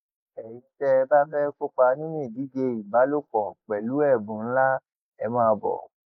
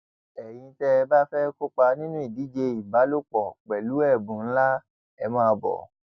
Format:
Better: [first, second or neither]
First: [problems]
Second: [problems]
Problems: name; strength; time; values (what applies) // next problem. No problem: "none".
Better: second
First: noise reduction (neural mask model Resemble Enhance denoiser)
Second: none